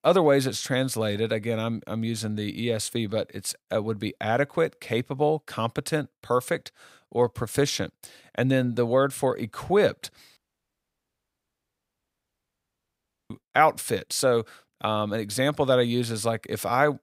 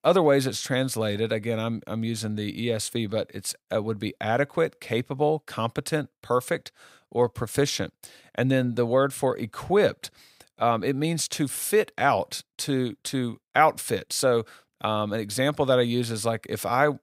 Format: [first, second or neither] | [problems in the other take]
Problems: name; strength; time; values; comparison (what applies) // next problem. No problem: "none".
second | audio cutting out; at 10 s for 3 s